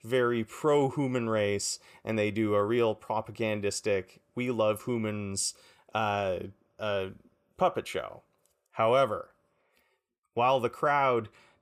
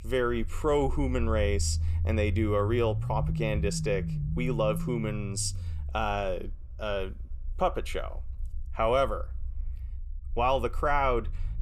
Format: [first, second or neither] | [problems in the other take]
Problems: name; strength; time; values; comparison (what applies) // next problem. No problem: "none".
first | low rumble; noticeable; throughout; 15 dB below the speech